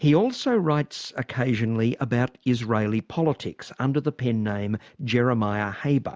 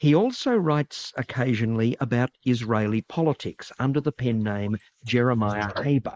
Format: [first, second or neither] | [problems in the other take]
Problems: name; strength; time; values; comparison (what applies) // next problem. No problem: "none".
first | noise reduction (neural mask model Resemble Enhance denoiser)